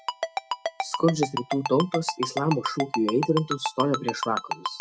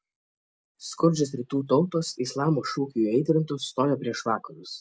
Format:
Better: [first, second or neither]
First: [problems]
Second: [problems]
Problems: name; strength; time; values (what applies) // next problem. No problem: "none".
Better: second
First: background sound (Ringtone); 4 dB below the speech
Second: none